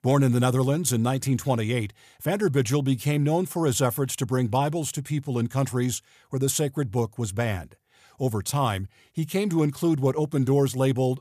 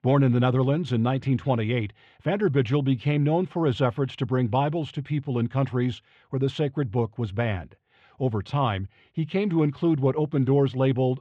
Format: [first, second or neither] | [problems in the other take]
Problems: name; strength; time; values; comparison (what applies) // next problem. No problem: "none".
first | muffled; very; fading above 3 kHz